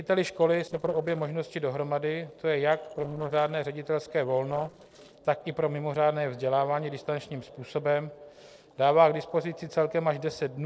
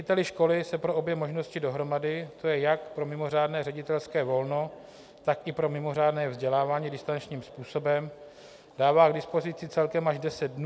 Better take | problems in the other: second | noise reduction (neural separator model SepFormer DNS4)

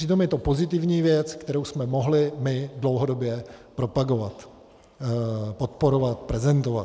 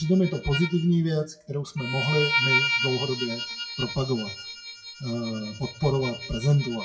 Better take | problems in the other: first | noise reduction (classical method WPE with log-MMSE)

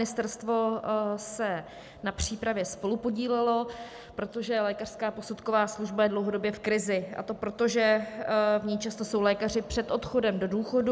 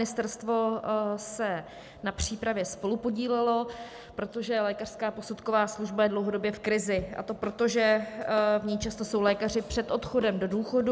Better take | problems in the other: first | background sound (Drum / Drum kit); 18 dB below the speech

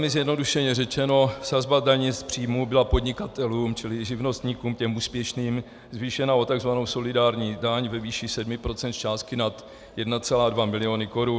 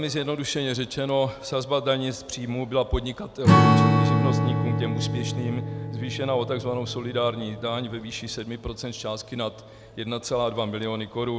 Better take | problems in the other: first | background sound (Strum); 2 dB above the speech

